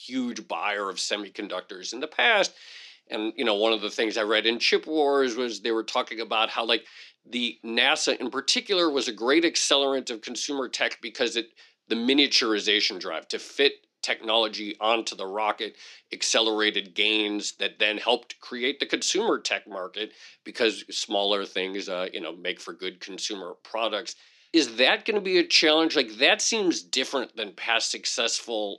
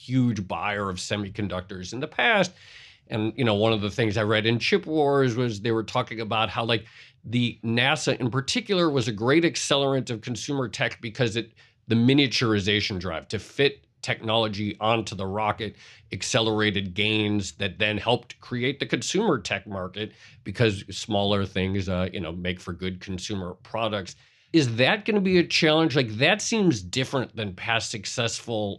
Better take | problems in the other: second | thin; somewhat; fading below 250 Hz

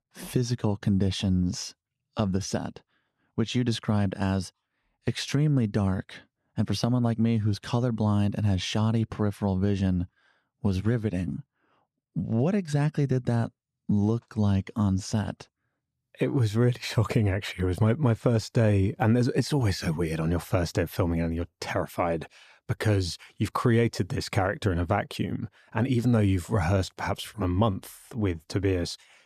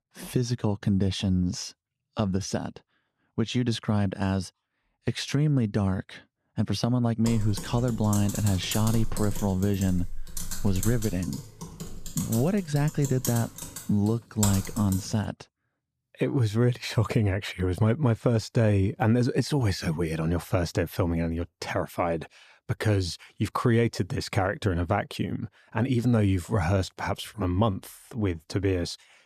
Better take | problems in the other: first | keyboard typing; noticeable; from 7.5 to 15 s; peak 2 dB below the speech

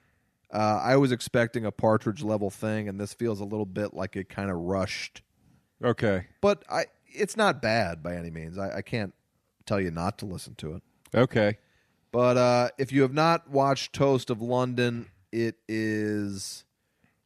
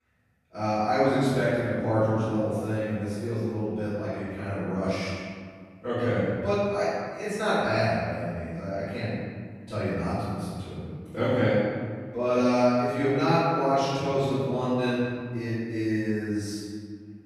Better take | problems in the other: first | room echo; strong; dies away in 1.8 s // off-mic speech; far

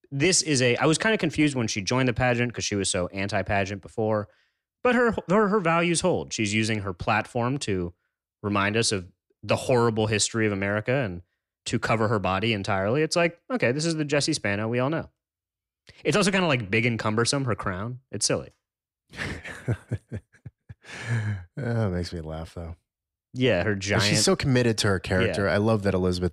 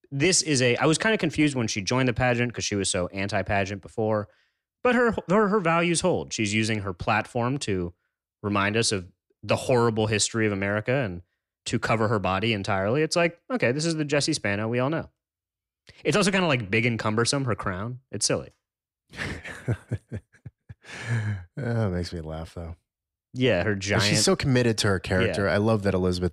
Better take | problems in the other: neither | none

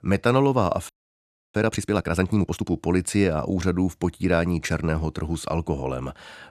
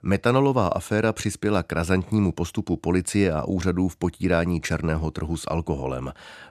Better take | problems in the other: second | audio freezing; at 1 s for 0.5 s

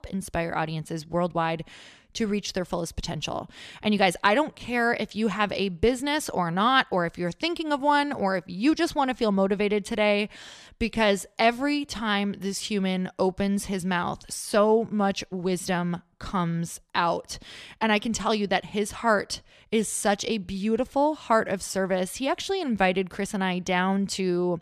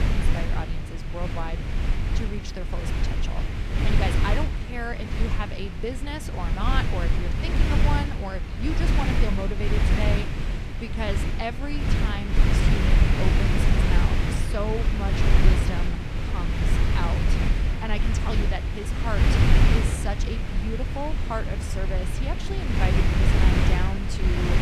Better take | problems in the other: first | wind noise on the microphone; heavy; 2 dB above the speech

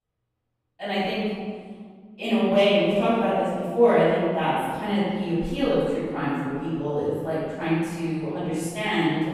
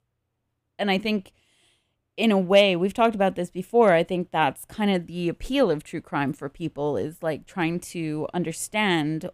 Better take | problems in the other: second | off-mic speech; far // room echo; strong; dies away in 1.7 s

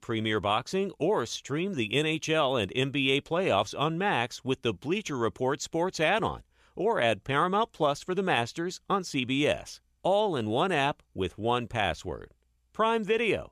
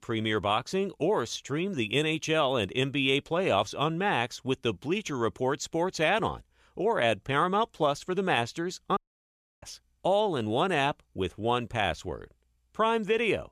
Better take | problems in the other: first | audio cutting out; at 9 s for 0.5 s

